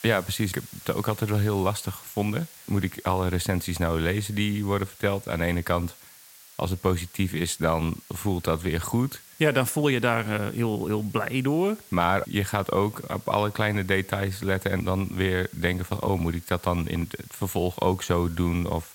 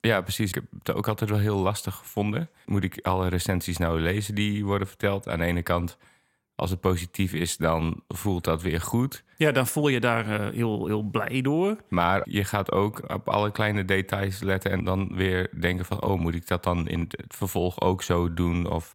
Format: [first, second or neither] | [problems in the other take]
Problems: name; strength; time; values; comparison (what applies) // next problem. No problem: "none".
second | hiss; noticeable; throughout; 20 dB below the speech